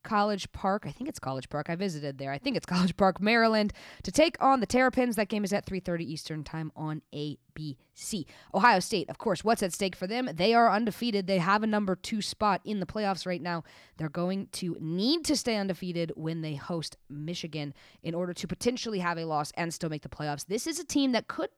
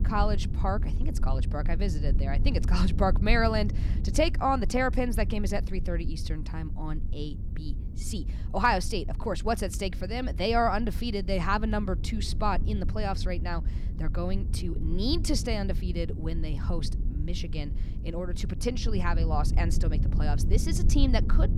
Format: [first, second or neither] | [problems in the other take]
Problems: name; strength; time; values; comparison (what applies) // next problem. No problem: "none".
first | low rumble; noticeable; throughout; 15 dB below the speech